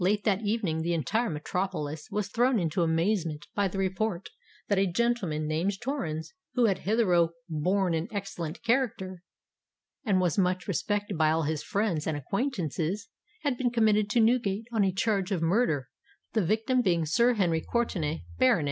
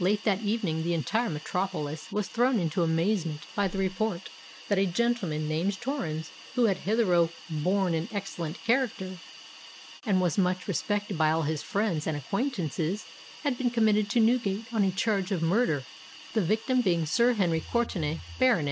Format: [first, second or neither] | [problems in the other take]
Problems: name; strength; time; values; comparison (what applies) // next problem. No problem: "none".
first | background sound (Hiss); 19 dB below the speech